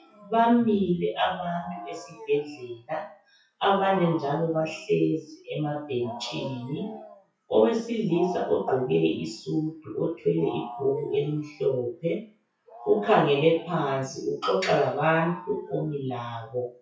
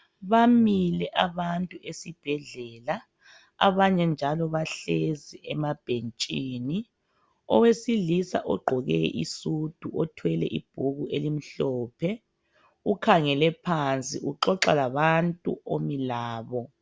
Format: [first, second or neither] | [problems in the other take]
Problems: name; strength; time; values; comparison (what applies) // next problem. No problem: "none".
second | noise reduction (classical method WPE with log-MMSE)